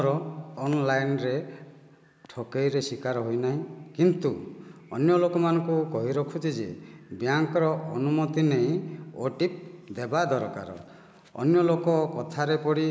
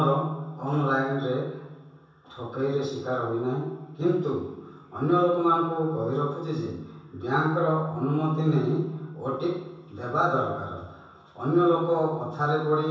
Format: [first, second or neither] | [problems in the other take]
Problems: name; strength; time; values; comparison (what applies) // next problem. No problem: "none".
first | room echo; dies away in 0.7 s